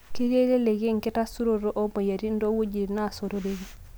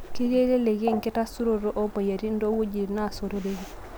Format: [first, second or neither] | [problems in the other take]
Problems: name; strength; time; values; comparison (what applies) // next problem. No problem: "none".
first | background sound (Waves, surf); 13 dB below the speech